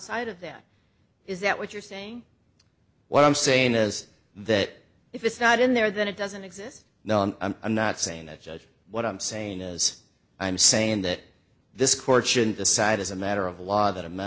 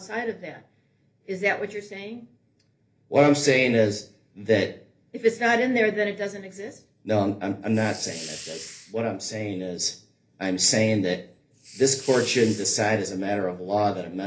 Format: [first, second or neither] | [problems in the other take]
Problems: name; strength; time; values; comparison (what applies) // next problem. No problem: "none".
first | noise reduction (neural separator model SepFormer DNS4)